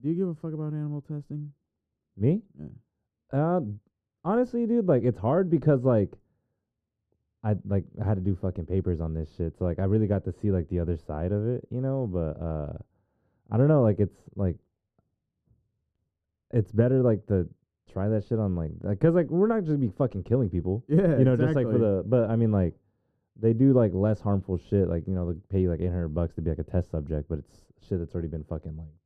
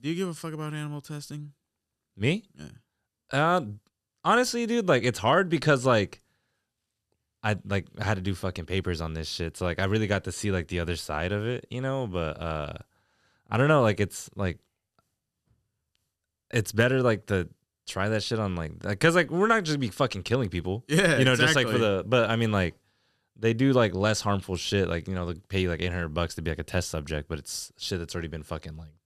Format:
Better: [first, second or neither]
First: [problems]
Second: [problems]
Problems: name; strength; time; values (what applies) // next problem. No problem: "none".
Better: second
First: muffled; very; fading above 1.5 kHz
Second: none